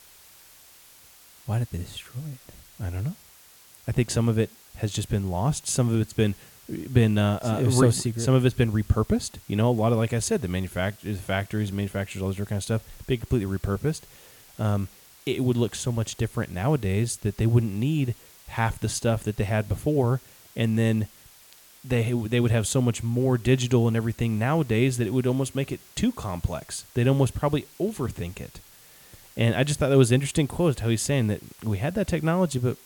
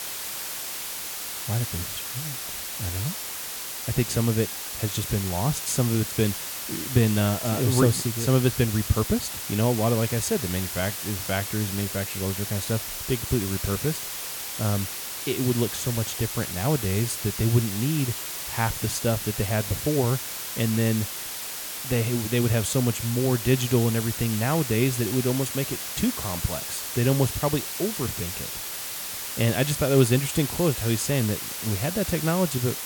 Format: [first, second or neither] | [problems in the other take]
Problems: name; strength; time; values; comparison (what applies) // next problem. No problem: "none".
first | hiss; loud; throughout; 5 dB below the speech; faint in the first